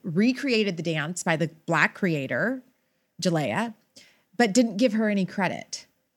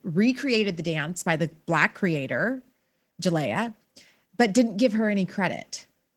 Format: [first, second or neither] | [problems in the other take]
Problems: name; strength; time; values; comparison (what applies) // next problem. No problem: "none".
first | garbled, watery; slightly; nothing above 18.5 kHz